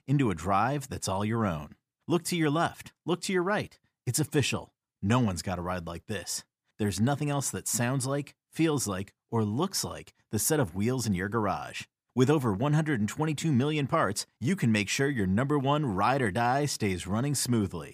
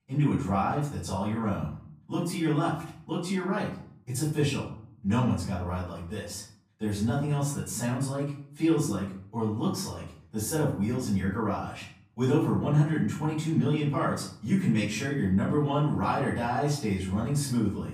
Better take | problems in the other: first | off-mic speech; far // room echo; noticeable; dies away in 0.6 s

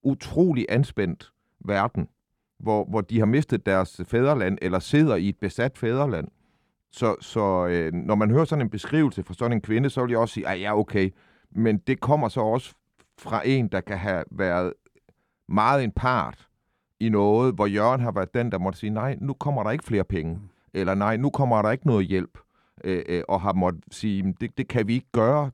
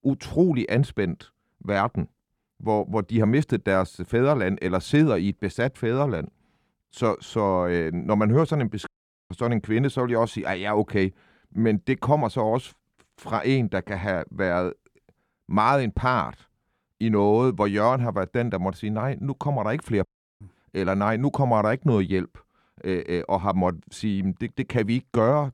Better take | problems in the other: first | audio cutting out; at 9 s and at 20 s

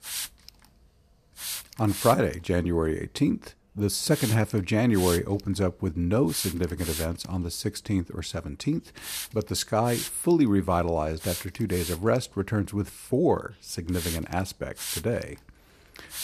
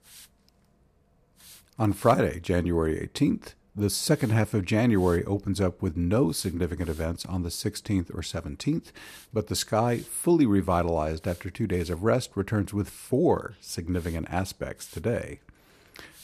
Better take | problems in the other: second | hiss; loud; throughout; 8 dB below the speech; faint in the second

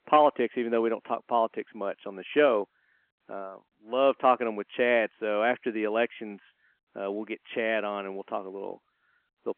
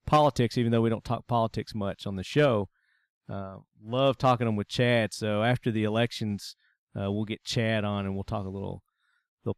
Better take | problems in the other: second | phone-call audio

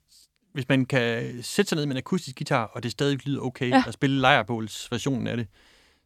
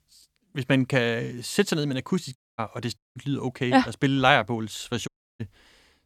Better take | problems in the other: first | audio cutting out; at 2.5 s, at 3 s and at 5 s

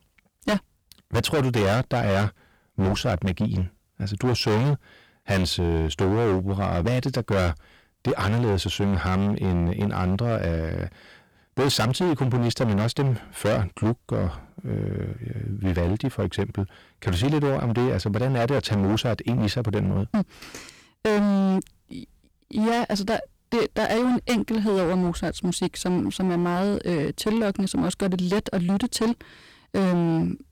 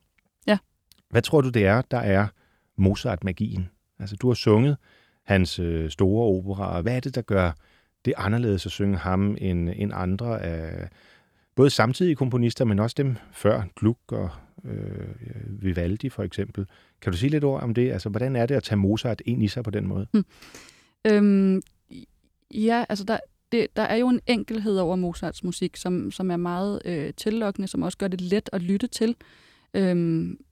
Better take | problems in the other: second | distortion; heavy; 19% of the sound clipped

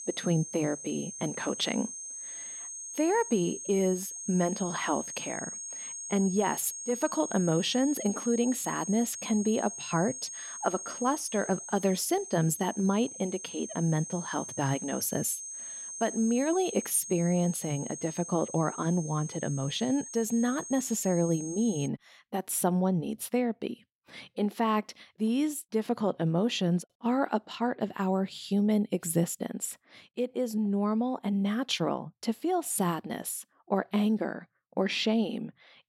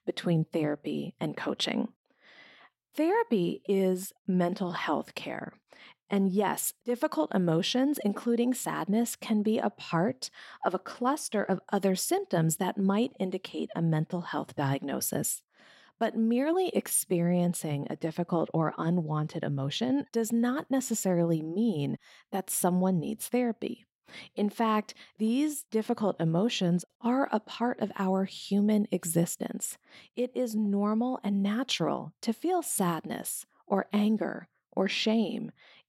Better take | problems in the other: second | high-pitched whine; loud; until 22 s; 6.5 kHz, 8 dB below the speech

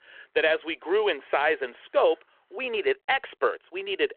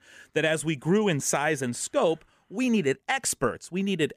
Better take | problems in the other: second | phone-call audio

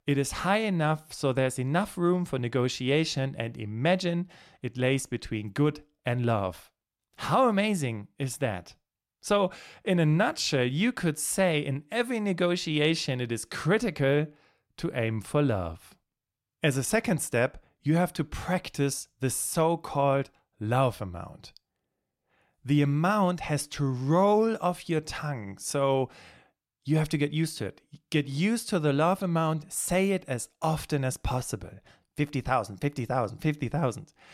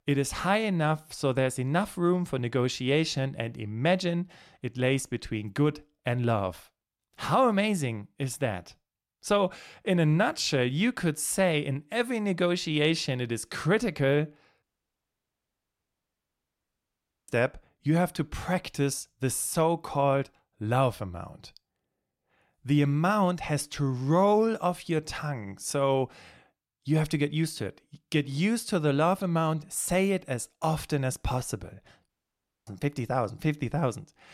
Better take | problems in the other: first | audio cutting out; at 15 s for 2.5 s and at 32 s for 0.5 s

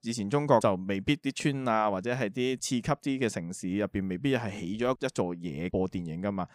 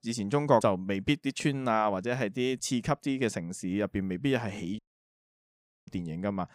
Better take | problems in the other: first | audio cutting out; at 5 s for 1 s

